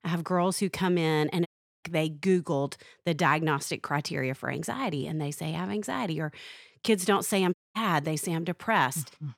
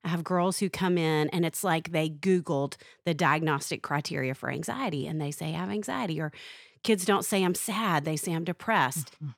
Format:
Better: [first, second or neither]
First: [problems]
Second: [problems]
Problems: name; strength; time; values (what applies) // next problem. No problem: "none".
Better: second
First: audio cutting out; at 1.5 s and at 7.5 s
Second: none